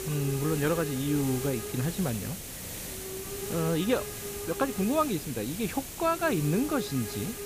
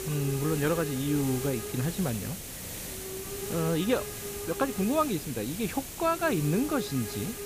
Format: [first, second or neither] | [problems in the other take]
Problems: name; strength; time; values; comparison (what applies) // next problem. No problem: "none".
neither | hiss; loud; throughout; 6 dB below the speech; the same in both